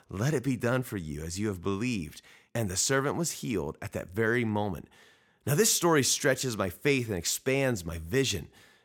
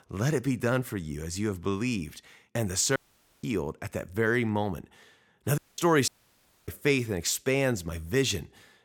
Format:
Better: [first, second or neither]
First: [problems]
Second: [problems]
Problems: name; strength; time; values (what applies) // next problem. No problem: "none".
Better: first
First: none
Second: audio cutting out; at 3 s, at 5.5 s and at 6 s for 0.5 s